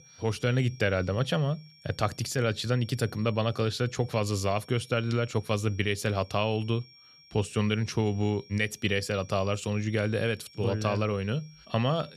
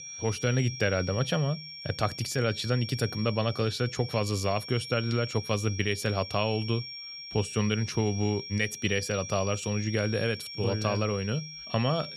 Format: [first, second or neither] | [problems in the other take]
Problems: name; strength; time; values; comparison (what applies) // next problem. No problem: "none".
first | high-pitched whine; loud; throughout; 5.5 kHz, 9 dB below the speech; faint in the first